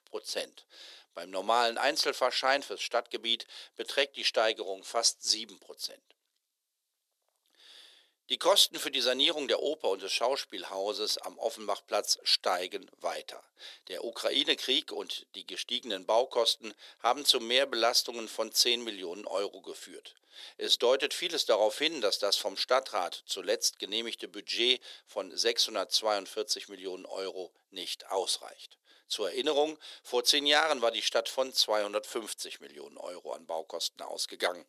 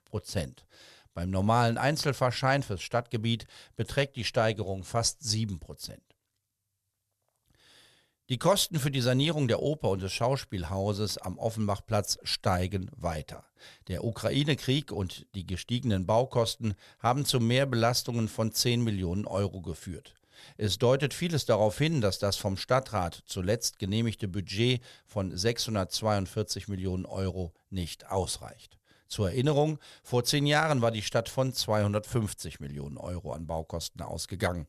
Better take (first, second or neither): second